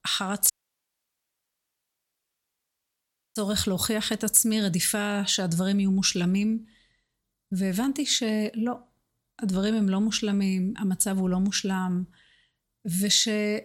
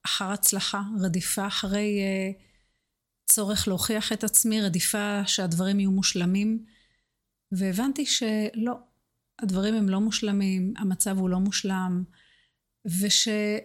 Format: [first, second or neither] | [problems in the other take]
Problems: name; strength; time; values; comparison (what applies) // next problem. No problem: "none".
second | audio cutting out; at 0.5 s for 3 s